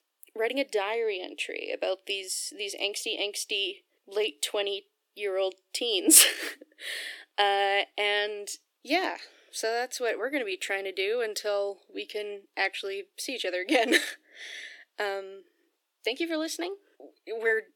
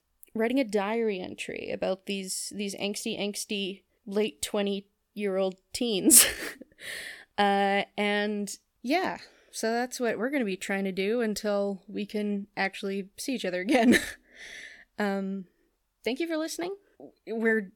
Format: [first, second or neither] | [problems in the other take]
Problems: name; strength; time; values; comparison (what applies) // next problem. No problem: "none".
second | thin; somewhat; fading below 300 Hz